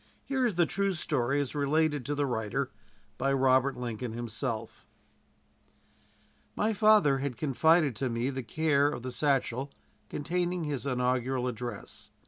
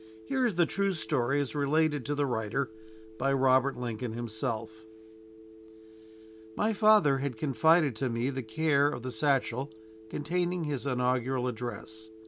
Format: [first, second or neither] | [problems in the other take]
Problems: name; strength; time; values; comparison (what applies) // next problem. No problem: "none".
first | background sound (Telephone); 20 dB below the speech